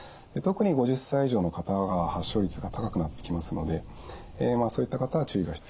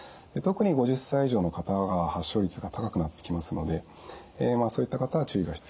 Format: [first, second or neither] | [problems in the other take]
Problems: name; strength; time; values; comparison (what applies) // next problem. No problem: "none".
second | background sound (Fire); 16 dB below the speech